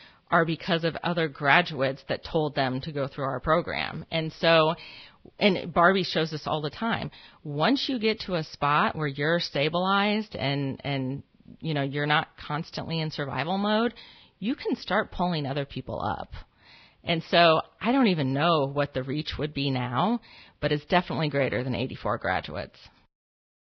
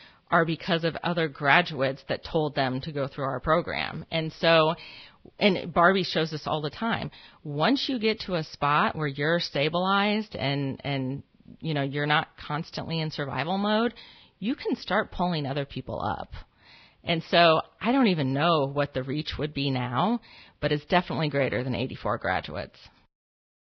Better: neither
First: garbled, watery; badly; nothing above 5 kHz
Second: garbled, watery; badly; nothing above 5 kHz

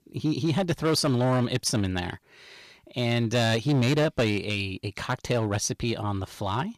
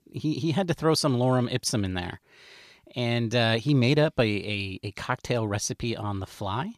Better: second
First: distortion; slight; 7% of the sound clipped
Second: none

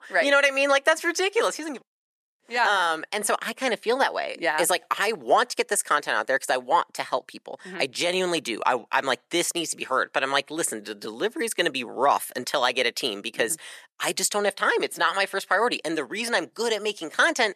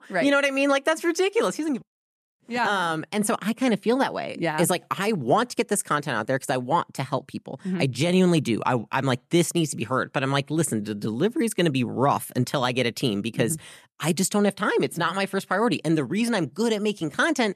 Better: second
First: thin; very; fading below 550 Hz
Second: none

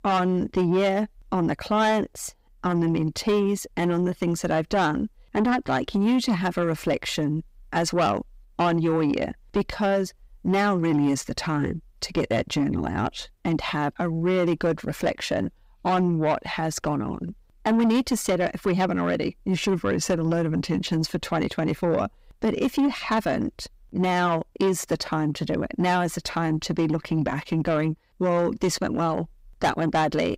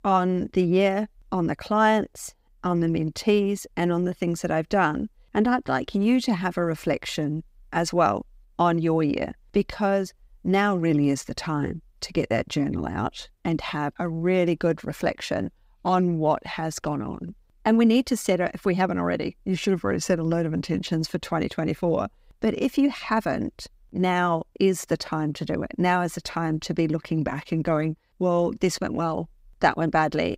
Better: second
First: distortion; slight; 10 dB below the speech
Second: none

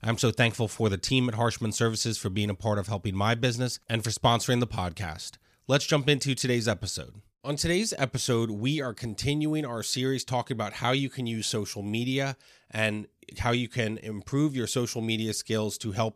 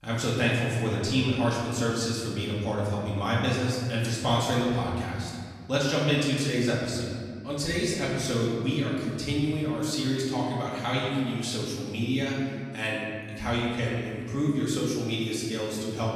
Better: first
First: none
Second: room echo; noticeable; dies away in 1.9 s // off-mic speech; far

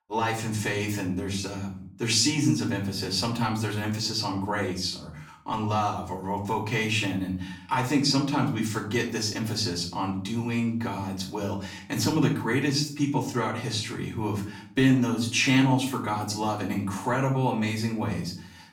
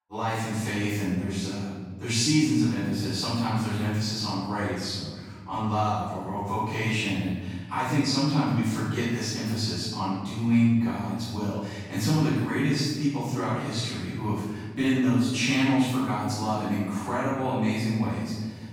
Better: first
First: room echo; slight; dies away in 0.5 s // off-mic speech; far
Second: room echo; strong; dies away in 1.8 s // off-mic speech; far

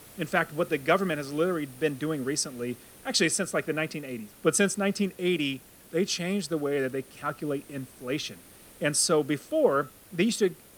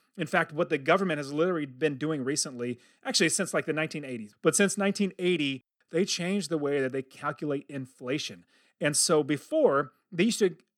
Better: second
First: hiss; faint; throughout; 20 dB below the speech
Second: none

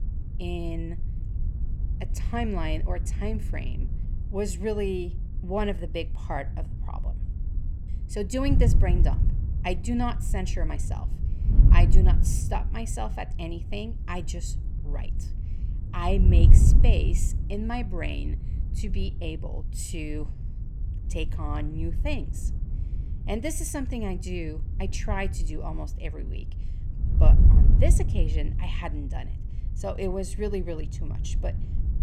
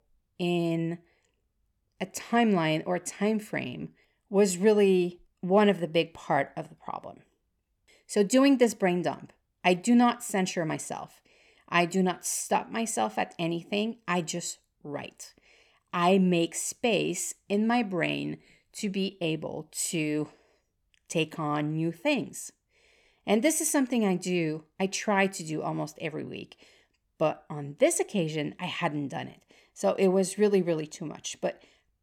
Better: second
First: wind noise on the microphone; heavy; 10 dB below the speech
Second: none

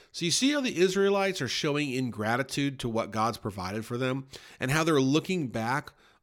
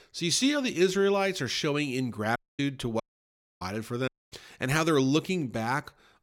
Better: first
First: none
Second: audio cutting out; at 2.5 s, at 3 s for 0.5 s and at 4 s

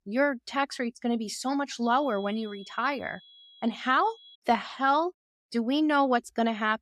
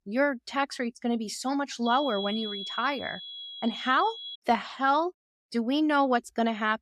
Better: first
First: high-pitched whine; faint; from 2 to 4.5 s; 3.5 kHz, 20 dB below the speech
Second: high-pitched whine; loud; from 2 to 4.5 s; 3.5 kHz, 9 dB below the speech

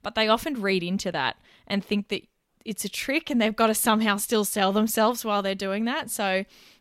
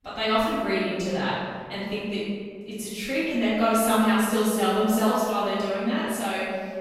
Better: first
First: none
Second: room echo; strong; dies away in 1.6 s // off-mic speech; far

